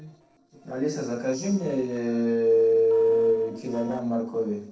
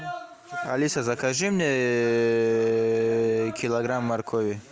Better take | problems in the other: second | noise reduction (neural separator model SepFormer DNS4)

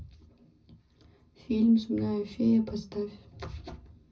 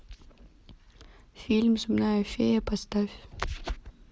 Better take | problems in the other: second | room echo; dies away in 0.4 s

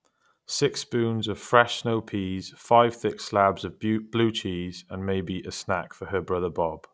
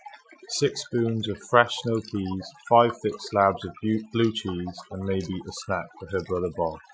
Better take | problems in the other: first | noise reduction (classical method Wiener filter)

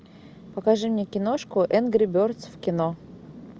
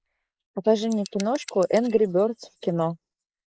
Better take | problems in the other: first | noise reduction (neural mask model Resemble Enhance denoiser)

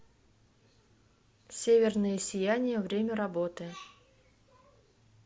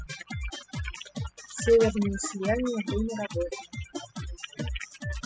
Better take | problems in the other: first | noise reduction (classical method spectral subtraction)

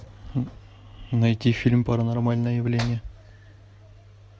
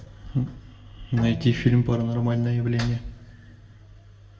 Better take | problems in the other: first | background sound (Bowed string instrument); 17 dB below the speech // room echo; dies away in 0.7 s

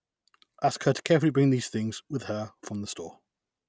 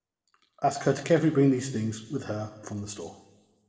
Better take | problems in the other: first | room echo; dies away in 0.9 s

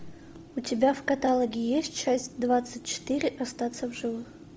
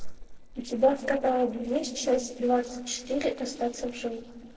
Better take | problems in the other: first | noise reduction (neural separator model SepFormer DNS4)

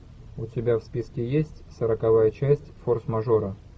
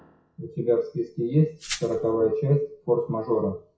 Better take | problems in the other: first | noise reduction (classical method WPE with log-MMSE)

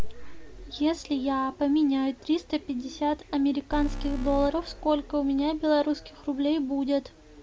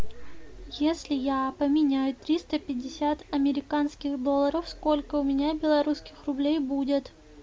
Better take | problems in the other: second | background sound (Alarm); 7 dB below the speech

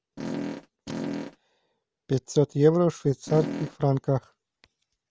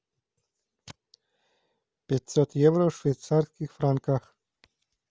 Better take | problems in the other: second | background sound (Fart); 6 dB below the speech

